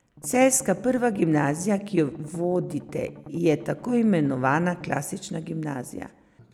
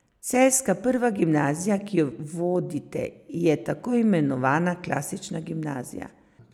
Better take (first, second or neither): second